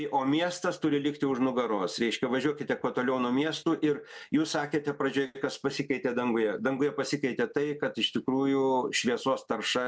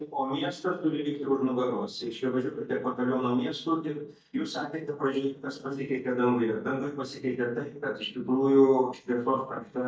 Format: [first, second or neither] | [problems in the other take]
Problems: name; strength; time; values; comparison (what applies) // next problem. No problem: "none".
first | noise reduction (neural mask model DeepFilterNet 3)